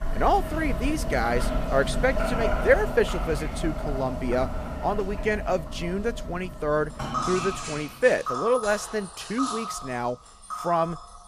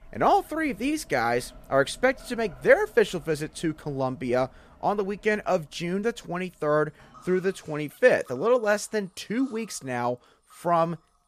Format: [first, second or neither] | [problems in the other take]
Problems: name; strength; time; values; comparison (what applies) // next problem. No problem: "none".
second | household noises; loud; throughout; 5 dB below the speech; faint in the second